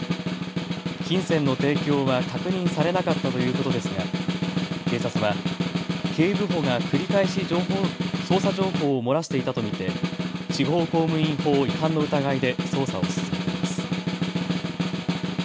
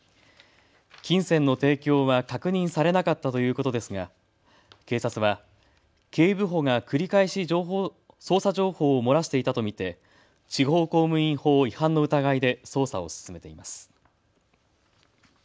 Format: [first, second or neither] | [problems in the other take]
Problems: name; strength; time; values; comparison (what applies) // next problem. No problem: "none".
second | background sound (Snare drum); 1 dB below the speech